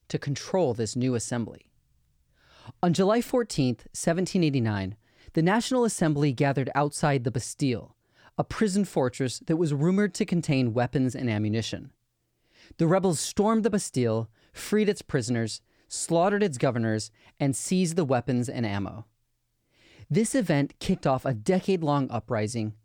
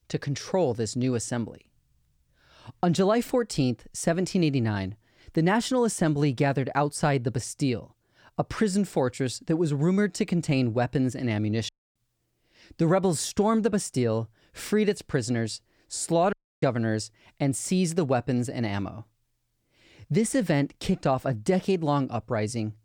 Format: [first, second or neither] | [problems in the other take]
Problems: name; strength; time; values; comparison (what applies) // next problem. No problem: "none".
first | audio cutting out; at 12 s and at 16 s